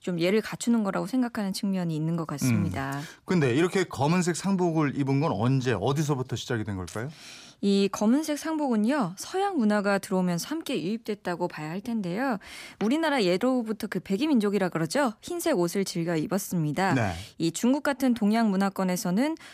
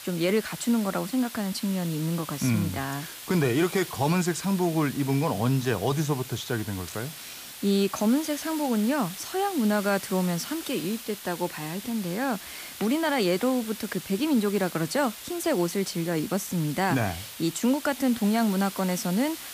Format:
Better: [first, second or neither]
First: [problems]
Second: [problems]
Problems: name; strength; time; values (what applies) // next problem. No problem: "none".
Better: first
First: none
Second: hiss; noticeable; throughout; 10 dB below the speech